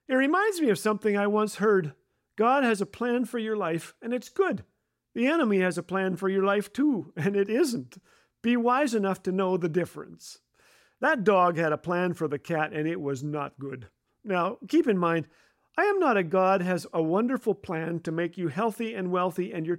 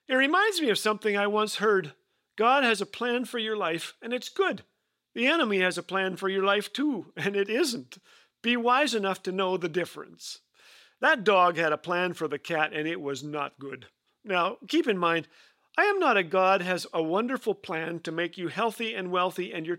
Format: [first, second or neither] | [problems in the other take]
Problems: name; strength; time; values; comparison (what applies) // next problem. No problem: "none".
first | thin; very slightly; fading below 400 Hz